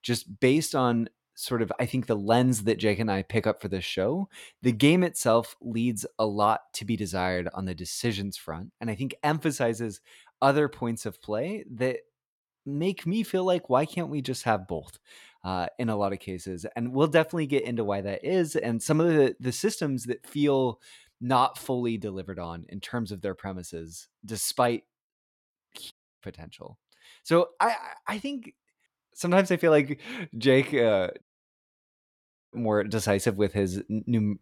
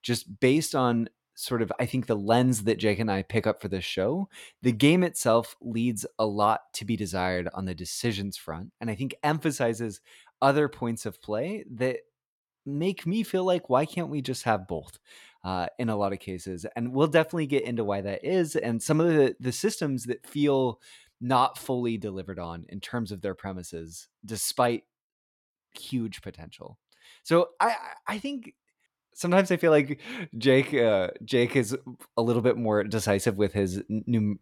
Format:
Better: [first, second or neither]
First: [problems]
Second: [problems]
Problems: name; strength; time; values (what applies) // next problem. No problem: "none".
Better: second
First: audio cutting out; at 26 s and at 31 s for 1.5 s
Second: none